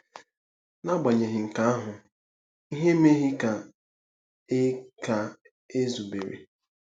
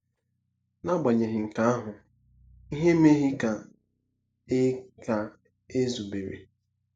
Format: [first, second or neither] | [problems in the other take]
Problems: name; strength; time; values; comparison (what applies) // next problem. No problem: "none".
first | noise reduction (neural mask model DeepFilterNet 3)